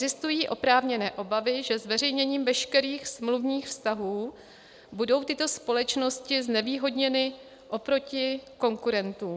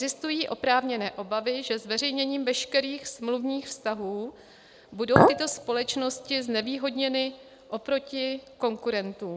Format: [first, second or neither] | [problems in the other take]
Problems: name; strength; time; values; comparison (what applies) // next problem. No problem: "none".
first | background sound (Chink, clink); 3 dB above the speech